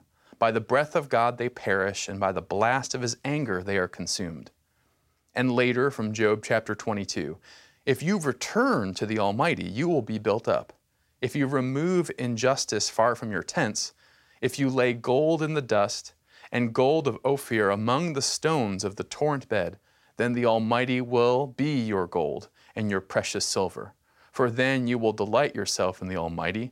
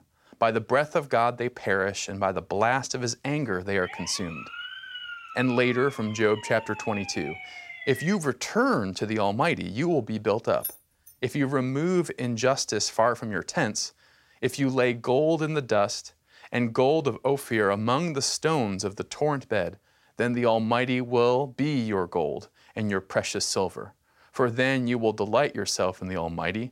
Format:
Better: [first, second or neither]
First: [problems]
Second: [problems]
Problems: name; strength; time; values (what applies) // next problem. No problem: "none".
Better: first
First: none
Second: siren; faint; from 4 to 8 s; peak 10 dB below the speech // jangling keys; noticeable; at 11 s; peak 9 dB below the speech